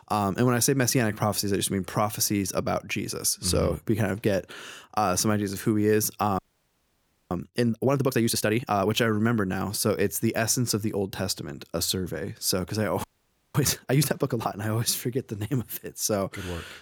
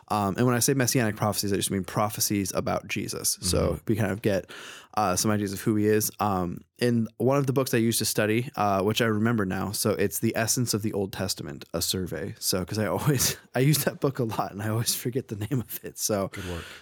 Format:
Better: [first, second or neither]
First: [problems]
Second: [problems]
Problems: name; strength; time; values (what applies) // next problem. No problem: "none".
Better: second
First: audio freezing; at 6.5 s for 1 s and at 13 s for 0.5 s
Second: none